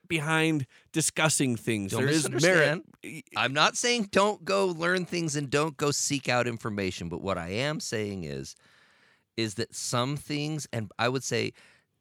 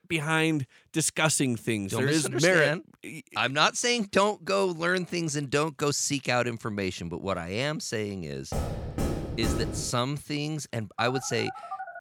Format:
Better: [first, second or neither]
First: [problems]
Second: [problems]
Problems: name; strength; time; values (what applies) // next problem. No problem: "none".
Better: first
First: none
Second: door banging; noticeable; from 8.5 to 10 s; peak 3 dB below the speech // phone ringing; faint; from 11 s on; peak 10 dB below the speech